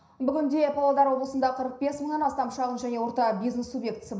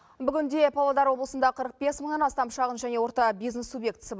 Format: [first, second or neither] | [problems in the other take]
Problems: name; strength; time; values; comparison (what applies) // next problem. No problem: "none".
second | room echo; dies away in 0.5 s